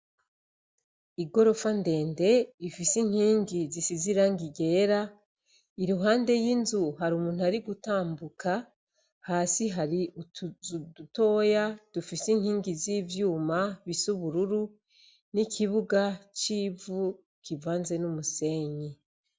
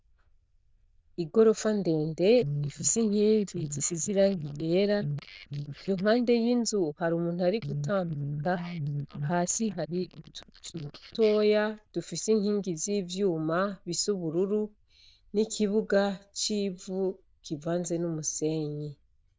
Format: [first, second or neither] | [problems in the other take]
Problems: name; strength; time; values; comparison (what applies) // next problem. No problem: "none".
first | noise reduction (neural diffusion model UNIVERSE++)